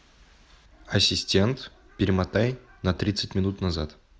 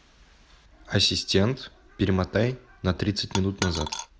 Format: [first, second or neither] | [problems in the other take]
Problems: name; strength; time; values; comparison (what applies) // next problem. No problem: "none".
first | background sound (Coin (dropping)); 6 dB below the speech